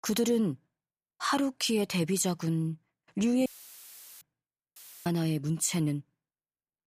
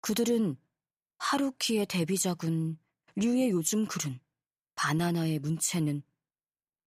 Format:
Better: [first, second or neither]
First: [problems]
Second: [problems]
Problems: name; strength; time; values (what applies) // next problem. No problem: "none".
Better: second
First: audio cutting out; filled with static; at 3.5 s for 1 s and at 5 s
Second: none